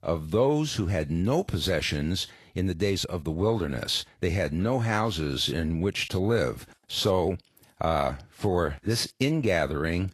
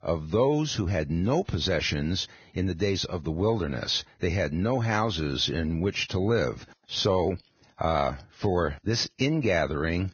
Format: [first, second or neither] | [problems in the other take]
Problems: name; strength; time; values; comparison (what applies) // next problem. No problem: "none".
first | garbled, watery; badly; nothing above 6.5 kHz; slightly in the first